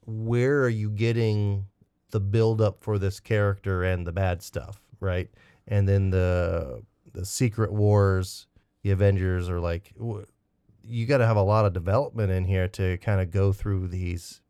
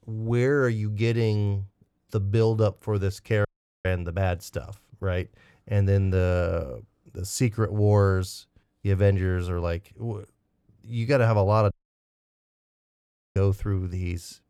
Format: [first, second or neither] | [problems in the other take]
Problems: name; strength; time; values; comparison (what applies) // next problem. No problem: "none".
first | audio cutting out; at 3.5 s and at 12 s for 1.5 s